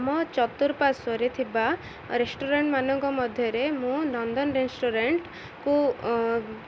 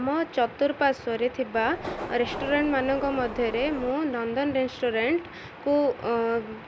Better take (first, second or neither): first